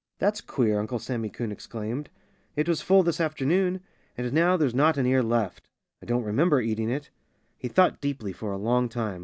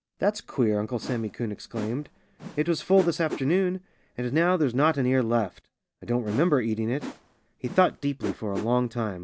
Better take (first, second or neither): first